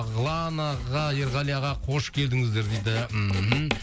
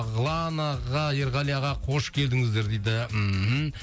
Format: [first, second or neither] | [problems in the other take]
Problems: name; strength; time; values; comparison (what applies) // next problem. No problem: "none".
second | background sound (Writing); 12 dB below the speech